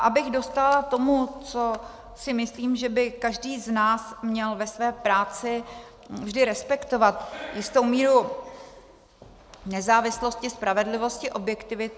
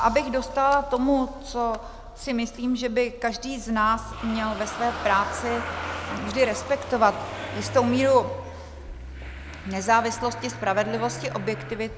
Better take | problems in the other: first | background sound (Engine starting / Motor vehicle (road)); 11 dB below the speech

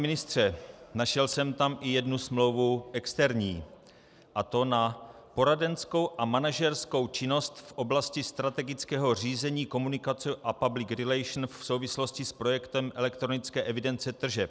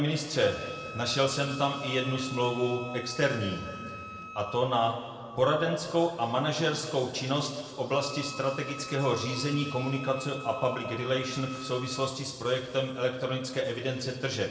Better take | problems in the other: first | background sound (Wind instrument, woodwind instrument); 15 dB below the speech // room echo; dies away in 2.1 s

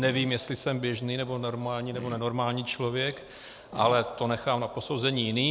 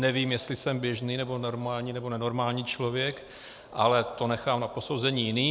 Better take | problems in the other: second | background sound (Fart); 19 dB below the speech

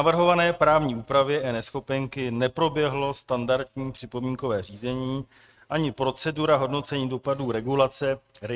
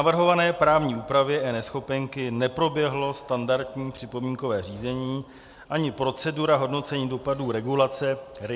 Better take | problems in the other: second | noise reduction (neural mask model RNNoise)

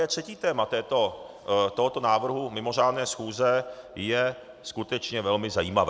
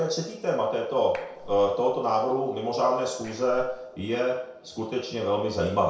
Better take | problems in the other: first | noise reduction (neural separator model SepFormer DNS4)

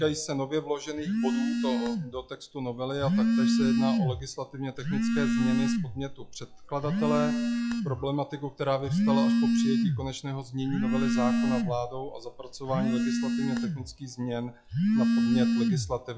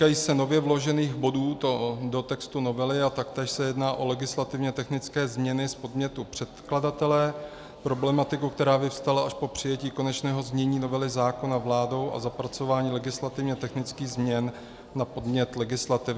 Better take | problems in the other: second | noise reduction (classical method log-MMSE)

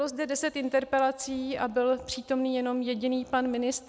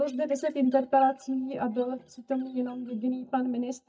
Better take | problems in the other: first | noise reduction (neural mask model DeepFilterNet 3)

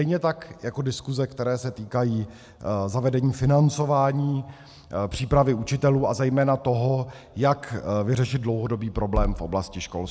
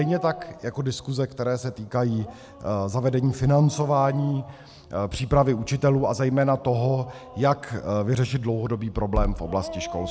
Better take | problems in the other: first | background sound (Dog); 18 dB below the speech

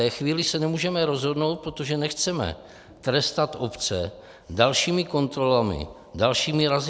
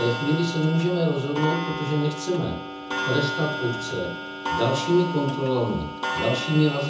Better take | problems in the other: first | background sound (Clock); 6 dB below the speech // room echo; dies away in 0.5 s

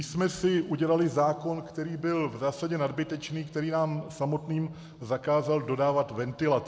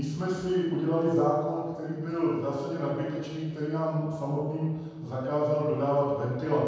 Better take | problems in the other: first | room echo; dies away in 1.2 s

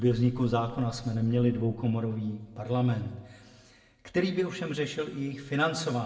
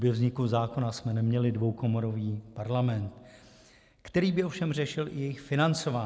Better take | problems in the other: second | background sound (Water / Splash, splatter); 19 dB below the speech // room echo; dies away in 0.8 s

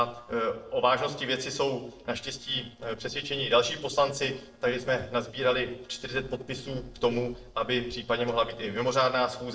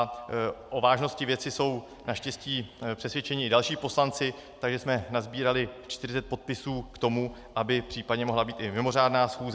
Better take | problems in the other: second | noise reduction (neural separator model SepFormer DNS4)

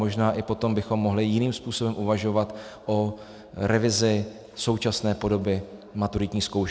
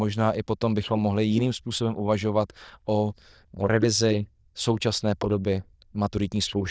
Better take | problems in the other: first | noise reduction (neural diffusion model UNIVERSE++)

